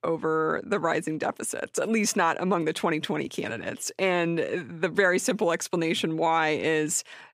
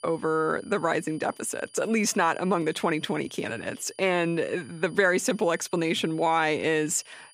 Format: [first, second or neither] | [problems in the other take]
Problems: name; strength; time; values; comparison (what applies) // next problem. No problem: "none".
first | high-pitched whine; faint; throughout; 9.5 kHz, 25 dB below the speech